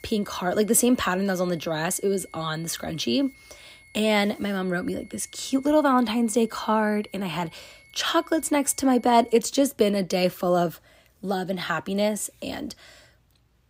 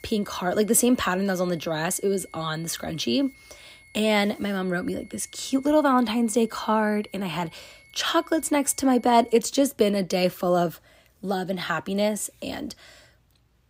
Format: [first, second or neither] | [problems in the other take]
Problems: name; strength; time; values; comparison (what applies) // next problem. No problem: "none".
neither | high-pitched whine; faint; until 9.5 s; 2 kHz, 25 dB below the speech; the same in both